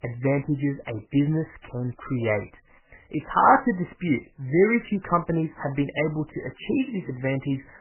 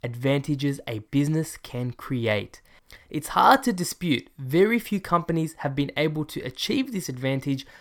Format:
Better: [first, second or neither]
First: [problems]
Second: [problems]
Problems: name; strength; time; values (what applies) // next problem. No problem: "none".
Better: second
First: garbled, watery; badly; nothing above 3 kHz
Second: none